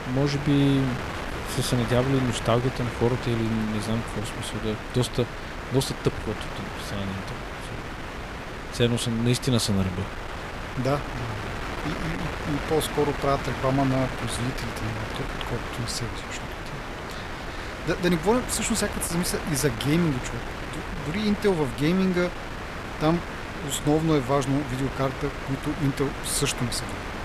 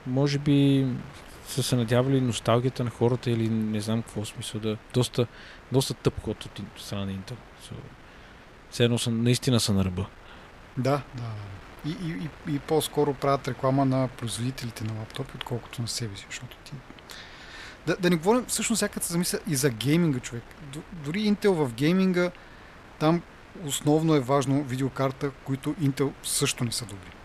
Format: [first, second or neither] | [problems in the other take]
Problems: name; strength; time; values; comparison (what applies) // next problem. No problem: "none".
second | wind noise on the microphone; heavy; 4 dB below the speech; occasional gusts in the second